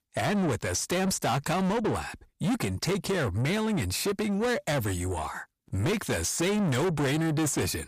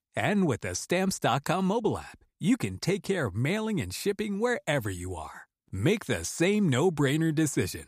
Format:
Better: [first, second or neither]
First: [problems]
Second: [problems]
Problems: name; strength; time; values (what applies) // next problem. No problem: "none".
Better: second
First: distortion; heavy; 7 dB below the speech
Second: none